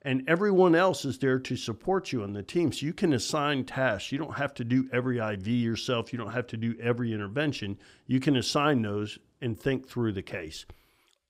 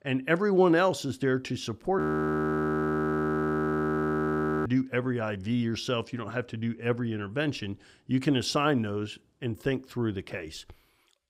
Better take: first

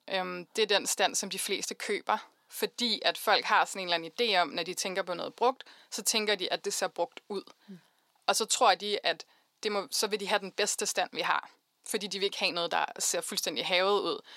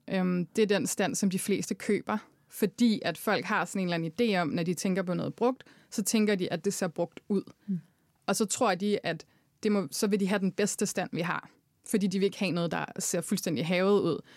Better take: second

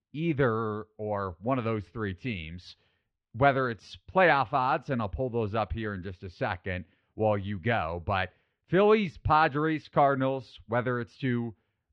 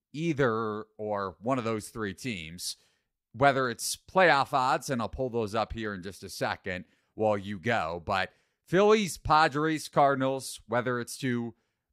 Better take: second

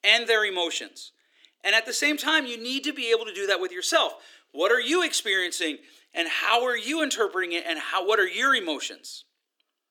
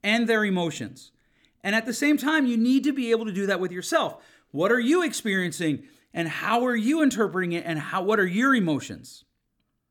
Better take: second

